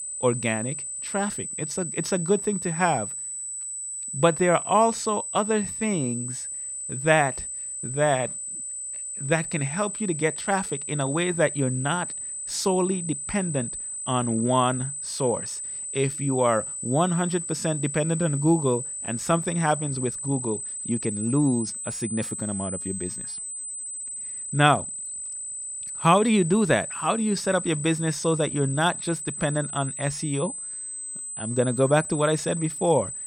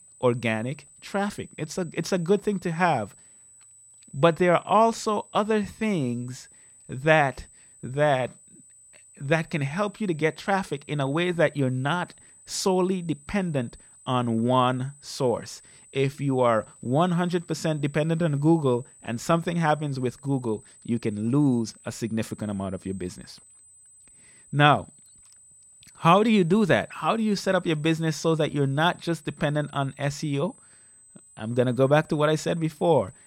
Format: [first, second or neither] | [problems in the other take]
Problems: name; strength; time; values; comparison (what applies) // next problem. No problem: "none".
second | high-pitched whine; loud; throughout; 8 kHz, 5 dB below the speech; faint in the second